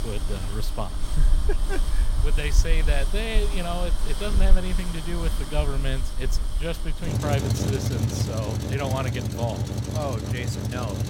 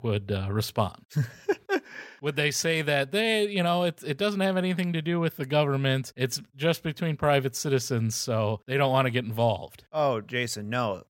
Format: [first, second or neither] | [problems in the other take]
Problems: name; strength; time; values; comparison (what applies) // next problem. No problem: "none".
second | traffic noise; very loud; throughout; 5 dB above the speech